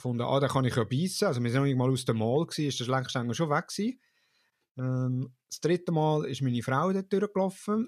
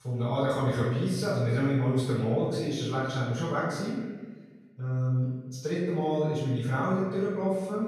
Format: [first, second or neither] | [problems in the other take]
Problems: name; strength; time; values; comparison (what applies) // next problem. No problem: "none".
first | off-mic speech; far // room echo; strong; dies away in 1.4 s